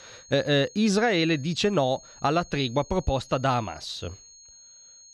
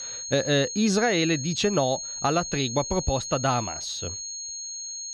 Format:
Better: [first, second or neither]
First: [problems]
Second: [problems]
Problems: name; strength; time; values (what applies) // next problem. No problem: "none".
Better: first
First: high-pitched whine; faint; throughout; 6.5 kHz, 20 dB below the speech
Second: high-pitched whine; loud; throughout; 6.5 kHz, 7 dB below the speech